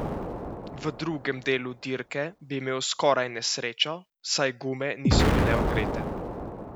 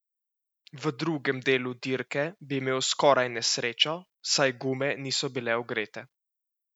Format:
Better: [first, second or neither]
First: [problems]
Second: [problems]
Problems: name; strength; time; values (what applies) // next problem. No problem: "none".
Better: second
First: background sound (Explosion); as loud as the speech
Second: none